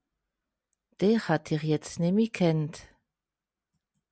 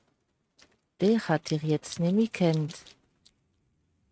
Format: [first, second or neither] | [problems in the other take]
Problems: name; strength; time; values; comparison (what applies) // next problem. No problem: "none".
first | noise reduction (neural mask model RNNoise)